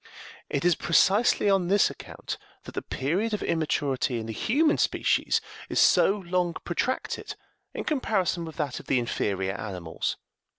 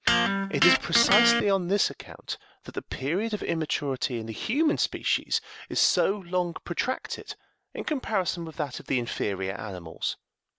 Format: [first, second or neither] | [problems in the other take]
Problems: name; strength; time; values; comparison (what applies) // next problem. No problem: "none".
first | background sound (Electric guitar); 1 dB above the speech